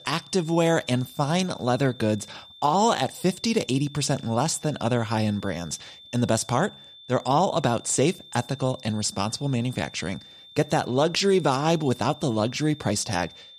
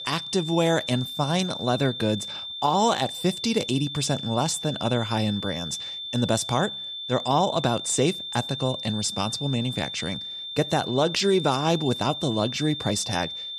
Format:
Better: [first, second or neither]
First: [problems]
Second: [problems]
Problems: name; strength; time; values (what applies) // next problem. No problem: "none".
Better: first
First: high-pitched whine; faint; throughout; 3.5 kHz, 20 dB below the speech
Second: high-pitched whine; loud; throughout; 3.5 kHz, 7 dB below the speech